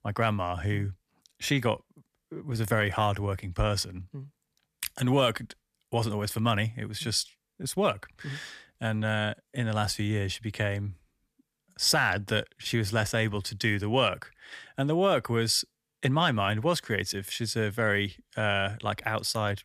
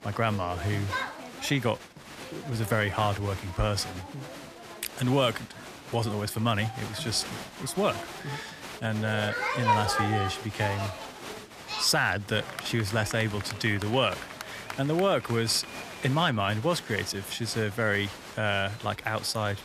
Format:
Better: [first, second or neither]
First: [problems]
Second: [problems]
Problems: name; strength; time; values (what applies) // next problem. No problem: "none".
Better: first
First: none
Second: crowd noise; loud; throughout; 8 dB below the speech